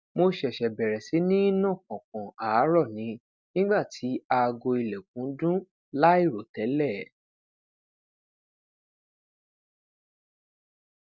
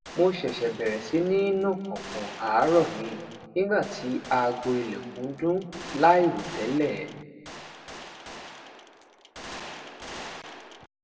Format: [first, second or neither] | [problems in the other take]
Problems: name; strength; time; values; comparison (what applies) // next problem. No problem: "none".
first | background sound (Gunshot, gunfire); 14 dB below the speech // room echo; dies away in 1.2 s